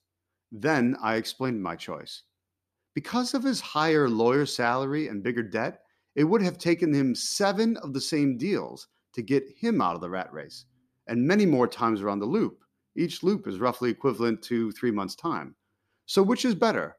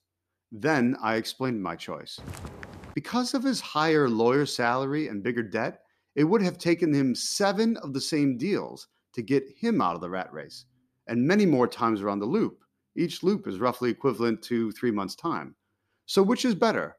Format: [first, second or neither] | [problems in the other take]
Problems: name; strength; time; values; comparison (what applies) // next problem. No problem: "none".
first | footsteps; faint; at 2 s; peak 15 dB below the speech